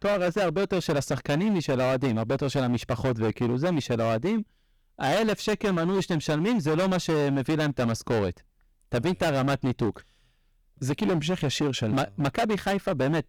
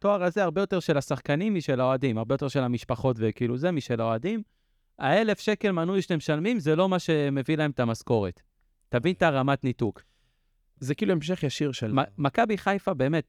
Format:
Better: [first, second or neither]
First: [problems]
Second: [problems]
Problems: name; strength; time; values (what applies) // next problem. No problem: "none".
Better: second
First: distortion; heavy; 21% of the sound clipped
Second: none